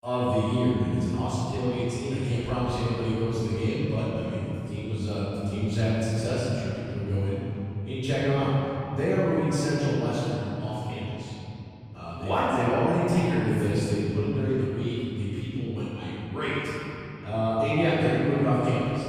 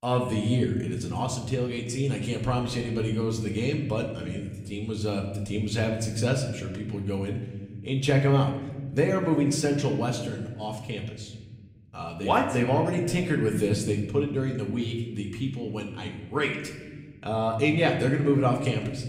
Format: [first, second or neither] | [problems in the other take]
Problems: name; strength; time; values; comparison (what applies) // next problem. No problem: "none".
second | room echo; strong; dies away in 3 s; slight in the second // off-mic speech; far; somewhat distant in the second